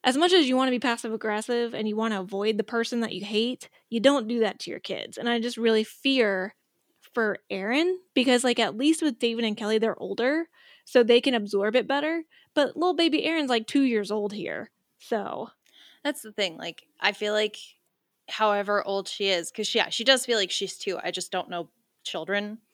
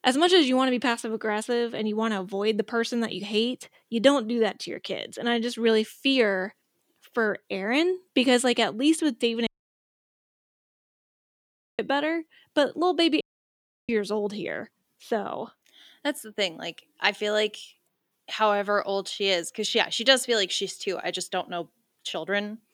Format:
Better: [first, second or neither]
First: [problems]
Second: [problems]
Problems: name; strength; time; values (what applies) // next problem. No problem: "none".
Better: first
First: none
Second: audio cutting out; at 9.5 s for 2.5 s and at 13 s for 0.5 s